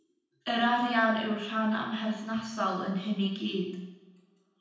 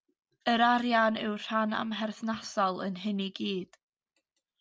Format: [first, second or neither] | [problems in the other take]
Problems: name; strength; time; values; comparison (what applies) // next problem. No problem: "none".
second | room echo; dies away in 0.9 s